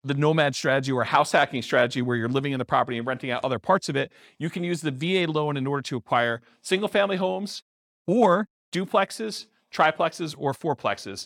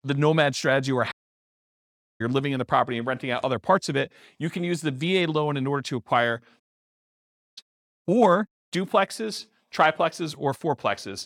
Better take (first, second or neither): first